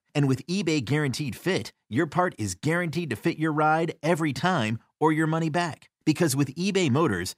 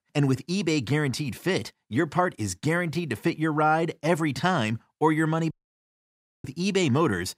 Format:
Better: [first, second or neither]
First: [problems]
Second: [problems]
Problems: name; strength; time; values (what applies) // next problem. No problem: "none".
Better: first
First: none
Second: audio cutting out; at 5.5 s for 1 s